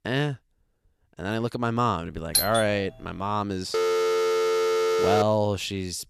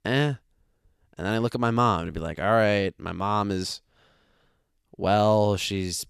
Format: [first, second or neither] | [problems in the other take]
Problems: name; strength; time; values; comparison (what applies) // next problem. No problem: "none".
second | doorbell; loud; at 2.5 s; peak 3 dB above the speech // phone ringing; loud; from 3.5 to 5 s; peak 4 dB above the speech